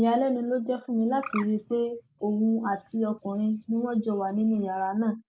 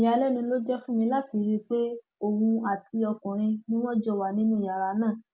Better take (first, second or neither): second